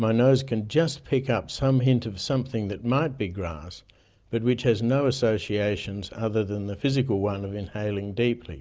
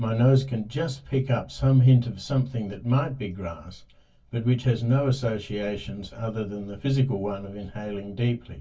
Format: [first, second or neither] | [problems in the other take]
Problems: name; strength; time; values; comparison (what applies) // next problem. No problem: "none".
first | room echo; dies away in 0.1 s